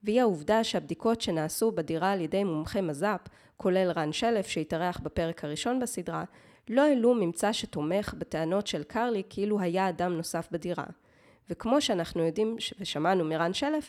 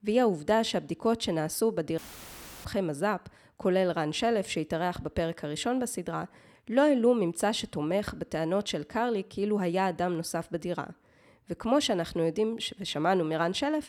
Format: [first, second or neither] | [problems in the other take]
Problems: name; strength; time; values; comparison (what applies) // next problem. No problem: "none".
first | audio cutting out; filled with static; at 2 s for 0.5 s